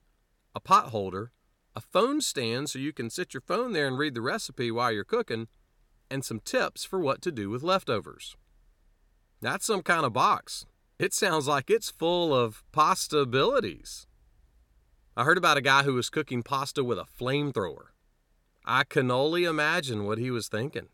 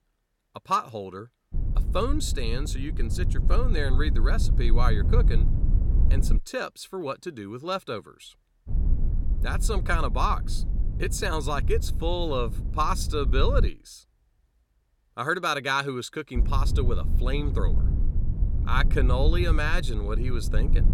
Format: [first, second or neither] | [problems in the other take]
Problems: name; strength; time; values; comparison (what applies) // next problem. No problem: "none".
first | low rumble; noticeable; from 1.5 to 6.5 s, from 8.5 to 14 s and from 16 s on; 15 dB below the speech